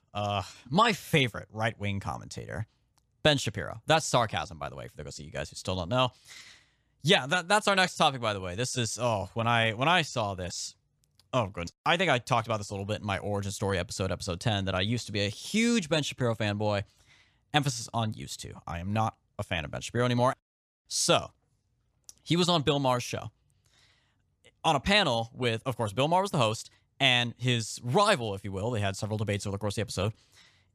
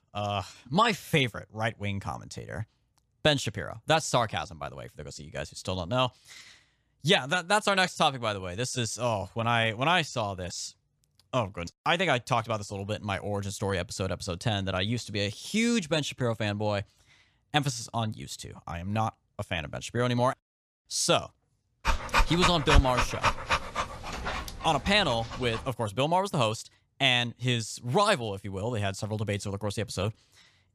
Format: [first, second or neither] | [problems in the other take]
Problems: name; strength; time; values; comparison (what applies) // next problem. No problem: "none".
first | dog barking; loud; from 22 to 24 s; peak 4 dB above the speech